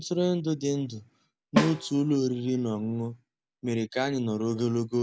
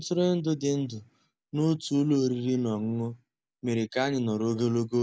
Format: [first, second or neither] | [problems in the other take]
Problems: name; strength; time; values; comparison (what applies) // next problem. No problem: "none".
second | background sound (Snare drum); 3 dB below the speech